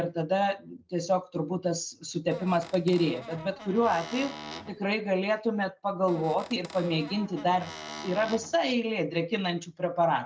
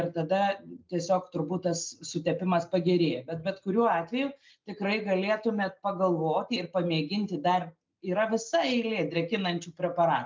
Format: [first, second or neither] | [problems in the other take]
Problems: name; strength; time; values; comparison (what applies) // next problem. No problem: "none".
second | background sound (Squeak / Cupboard open or close); 14 dB below the speech